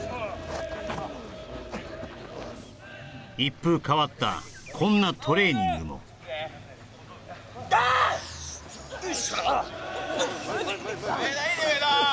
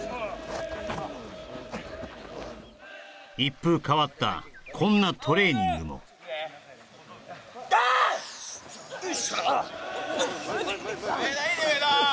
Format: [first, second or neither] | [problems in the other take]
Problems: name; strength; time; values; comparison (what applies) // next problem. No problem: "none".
second | background sound (Bus / Engine); 18 dB below the speech